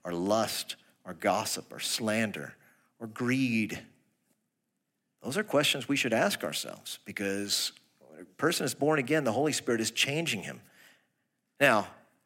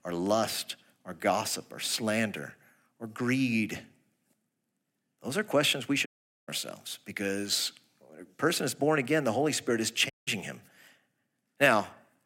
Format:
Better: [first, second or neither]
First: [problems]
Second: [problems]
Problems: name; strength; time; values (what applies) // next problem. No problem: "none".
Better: first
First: none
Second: audio cutting out; at 6 s and at 10 s